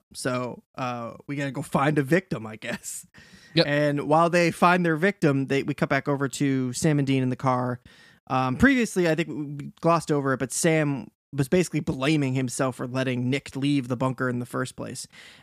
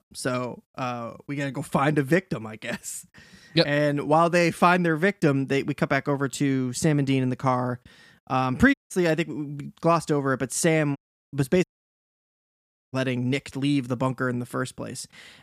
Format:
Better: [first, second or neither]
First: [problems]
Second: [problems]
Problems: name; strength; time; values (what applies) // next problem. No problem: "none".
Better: first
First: none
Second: audio cutting out; at 8.5 s, at 11 s and at 12 s for 1.5 s